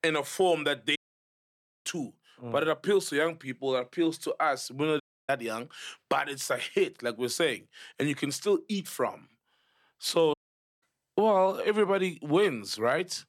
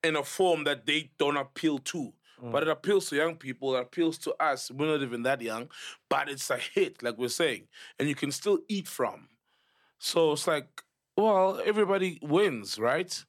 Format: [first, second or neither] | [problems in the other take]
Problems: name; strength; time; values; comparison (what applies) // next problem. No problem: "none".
second | audio cutting out; at 1 s for 1 s, at 5 s and at 10 s